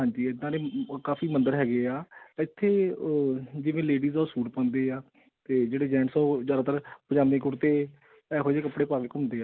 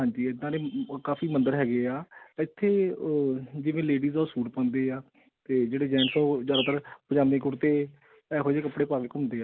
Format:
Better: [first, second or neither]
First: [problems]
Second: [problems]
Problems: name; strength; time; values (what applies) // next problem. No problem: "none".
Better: first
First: none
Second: background sound (Bird); 10 dB below the speech